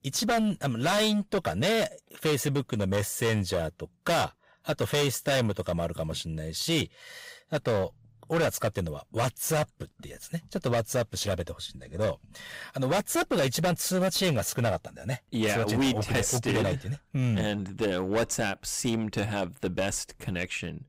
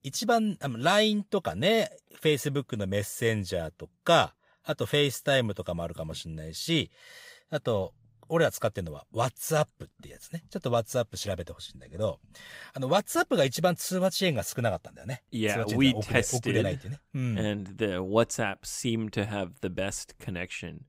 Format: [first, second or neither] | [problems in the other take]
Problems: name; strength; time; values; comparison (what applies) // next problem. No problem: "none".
second | distortion; heavy; 14% of the sound clipped